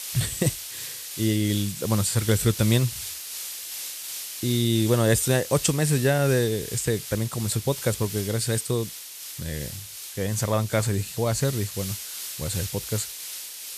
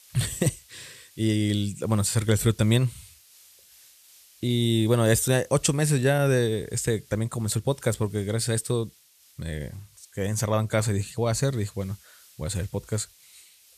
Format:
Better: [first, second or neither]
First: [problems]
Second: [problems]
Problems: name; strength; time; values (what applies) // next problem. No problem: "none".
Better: second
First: hiss; loud; throughout; 8 dB below the speech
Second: hiss; faint; throughout; 25 dB below the speech